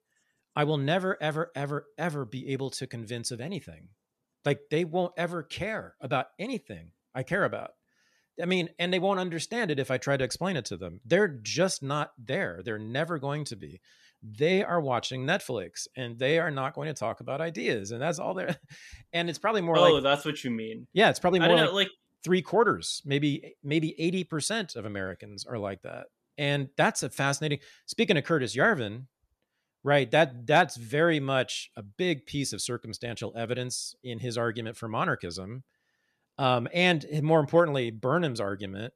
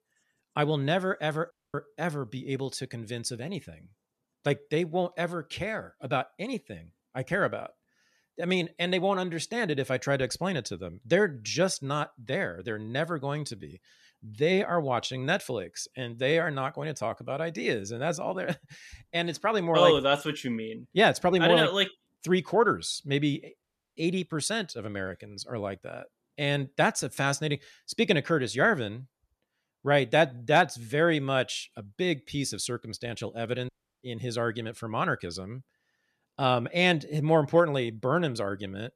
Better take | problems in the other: first | audio cutting out; at 1.5 s, at 24 s and at 34 s

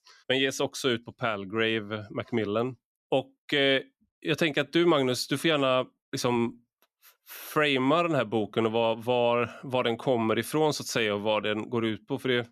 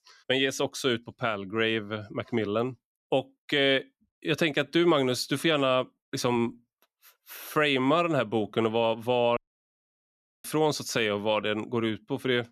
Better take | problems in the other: first | audio cutting out; at 9.5 s for 1 s

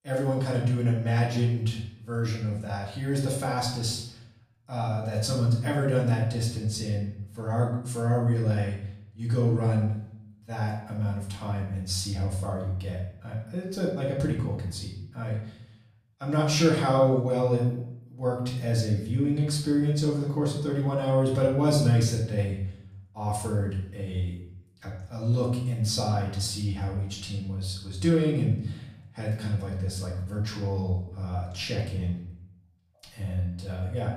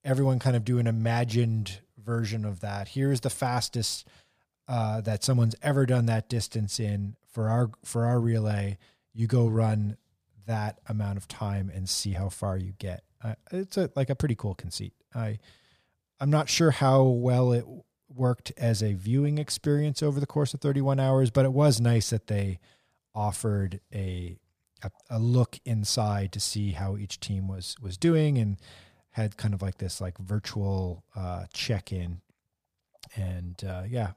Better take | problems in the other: second | off-mic speech; far // room echo; noticeable; dies away in 0.6 s

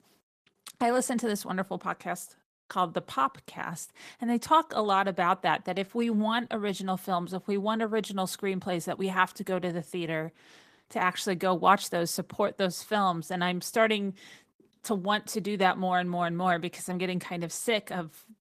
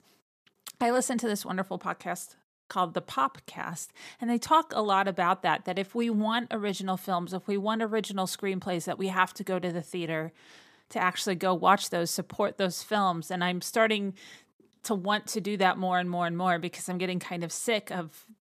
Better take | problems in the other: second | garbled, watery; slightly; nothing above 14.5 kHz

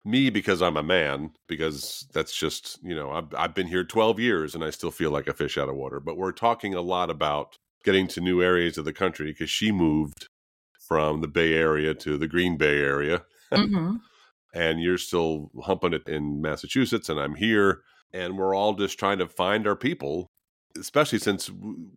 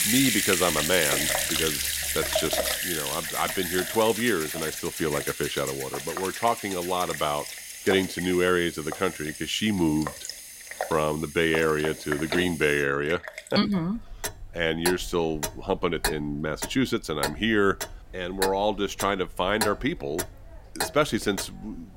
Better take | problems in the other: first | household noises; loud; throughout; 3 dB below the speech

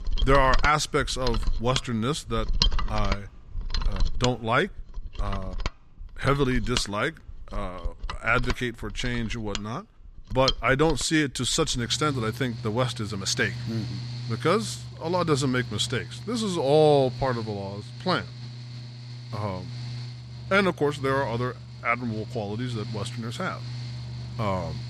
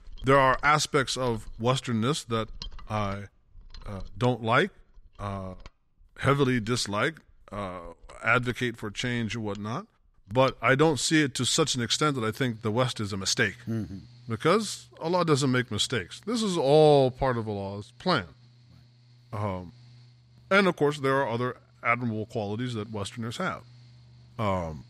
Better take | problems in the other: second | machinery noise; loud; throughout; 8 dB below the speech; faint in the second

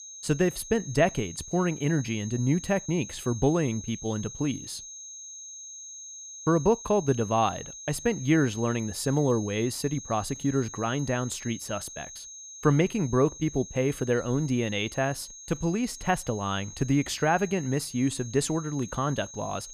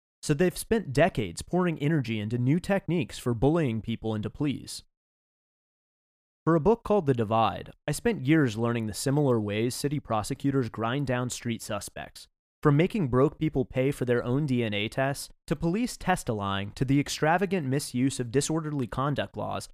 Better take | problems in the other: second | high-pitched whine; noticeable; throughout; 6.5 kHz, 15 dB below the speech

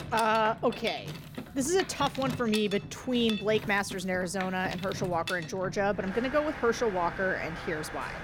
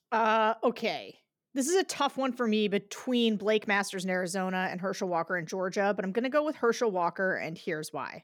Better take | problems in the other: second | machinery noise; loud; throughout; 10 dB below the speech

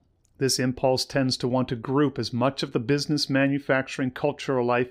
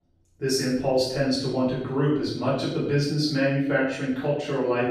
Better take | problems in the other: first | room echo; noticeable; dies away in 0.6 s // off-mic speech; far

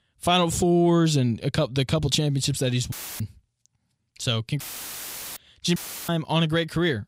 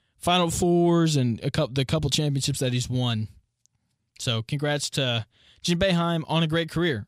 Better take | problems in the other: second | audio cutting out; filled with static; at 3 s, at 4.5 s for 1 s and at 6 s

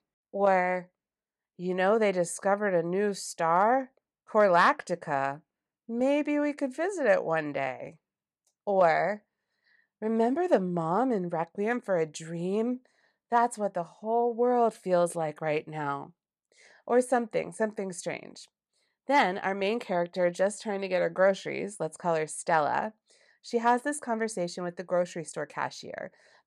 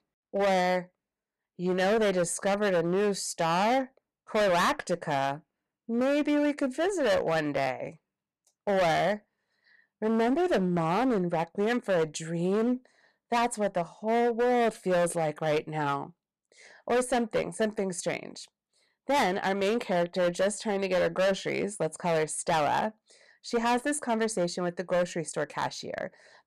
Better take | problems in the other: first | distortion; heavy; 14% of the sound clipped

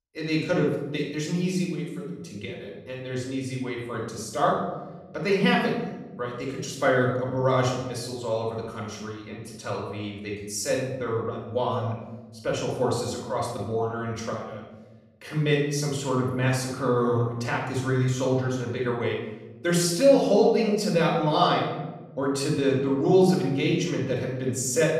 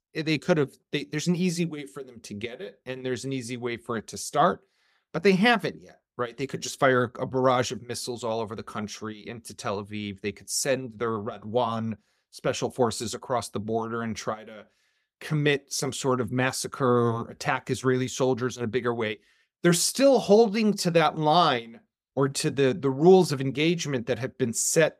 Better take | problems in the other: second | off-mic speech; far // room echo; noticeable; dies away in 1.1 s

